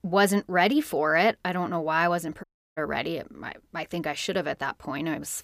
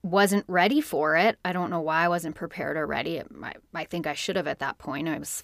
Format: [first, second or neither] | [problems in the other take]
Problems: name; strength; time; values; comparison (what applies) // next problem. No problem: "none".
second | audio cutting out; at 2.5 s